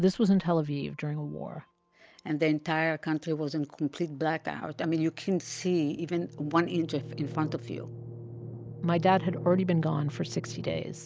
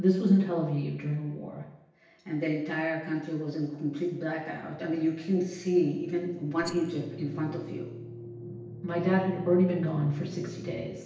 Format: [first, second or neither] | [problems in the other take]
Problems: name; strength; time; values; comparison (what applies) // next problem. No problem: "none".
first | background sound (Rattle); 18 dB below the speech // room echo; dies away in 0.9 s